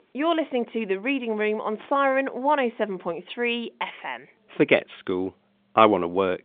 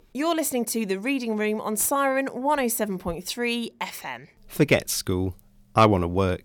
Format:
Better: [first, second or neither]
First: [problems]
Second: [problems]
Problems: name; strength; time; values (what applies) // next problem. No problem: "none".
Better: second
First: phone-call audio; nothing above 3.5 kHz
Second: none